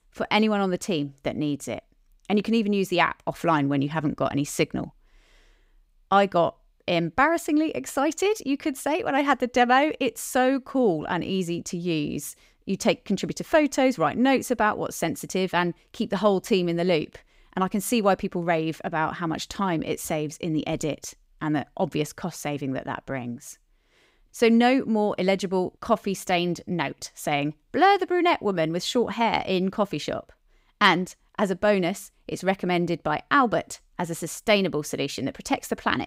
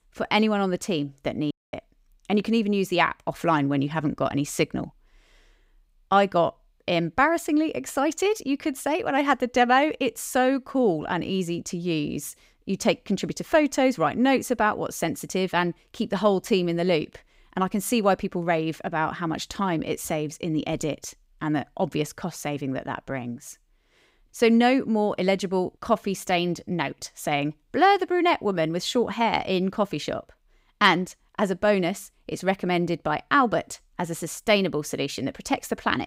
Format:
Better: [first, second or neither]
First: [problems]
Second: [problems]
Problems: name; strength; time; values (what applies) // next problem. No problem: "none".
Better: first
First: none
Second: audio cutting out; at 1.5 s